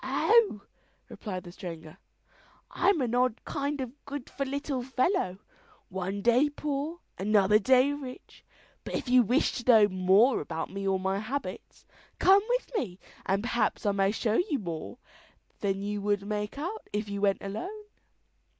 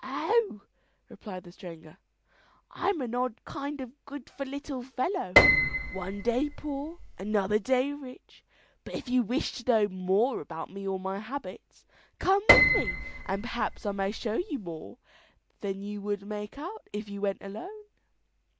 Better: first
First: none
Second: background sound (Piano); 4 dB above the speech

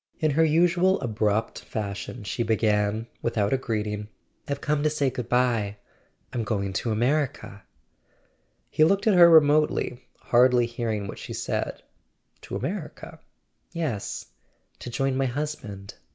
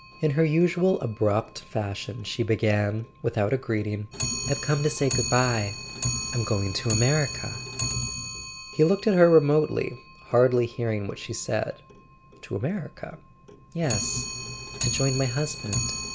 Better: first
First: none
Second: background sound (Clock); 8 dB below the speech

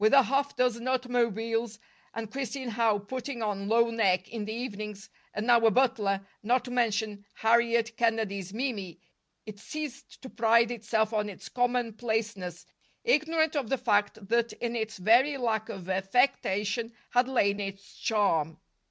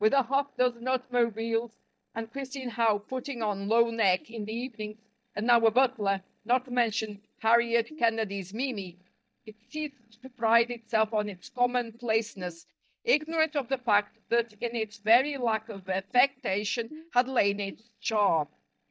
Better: first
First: none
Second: noise reduction (neural mask model DeepFilterNet 3)

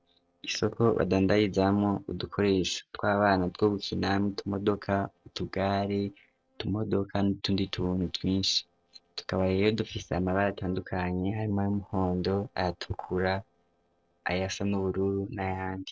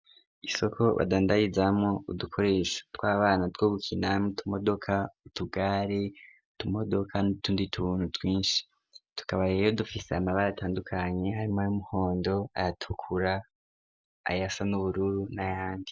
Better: second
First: noise reduction (neural separator model SepFormer DNS4)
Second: none

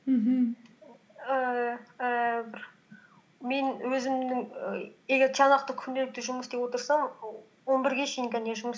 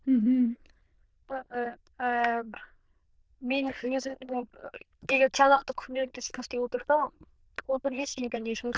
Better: first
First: none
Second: noise reduction (neural diffusion model UNIVERSE++)

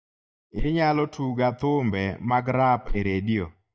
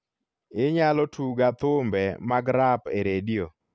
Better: second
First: noise reduction (neural mask model DeepFilterNet 3)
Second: none

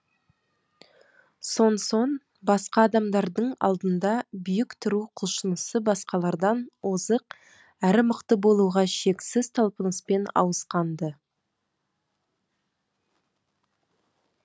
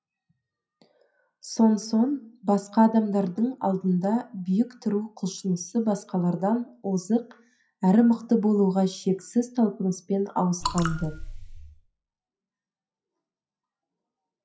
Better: first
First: none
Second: noise reduction (classical method WPE with log-MMSE)

